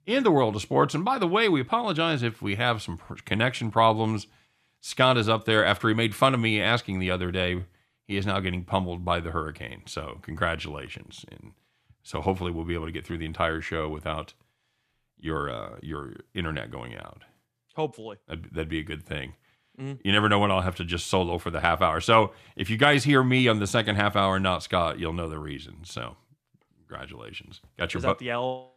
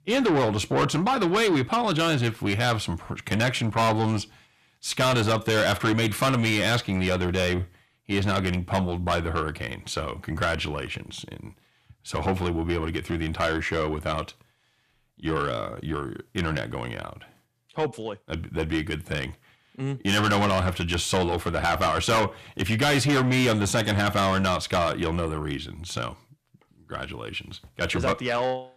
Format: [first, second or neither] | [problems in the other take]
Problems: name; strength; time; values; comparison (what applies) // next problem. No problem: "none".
first | distortion; heavy; 6 dB below the speech